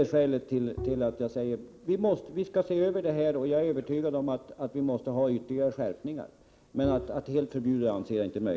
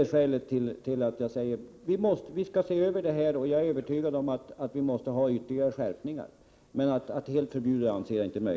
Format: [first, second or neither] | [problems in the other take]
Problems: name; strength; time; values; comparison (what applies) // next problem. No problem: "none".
second | background sound (Bowed string instrument); 11 dB below the speech